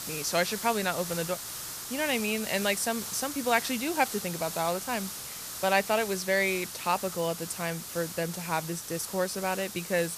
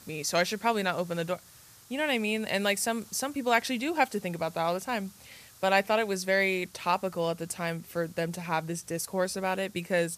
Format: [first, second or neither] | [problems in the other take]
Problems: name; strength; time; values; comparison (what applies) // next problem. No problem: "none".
second | hiss; loud; throughout; 6 dB below the speech; faint in the second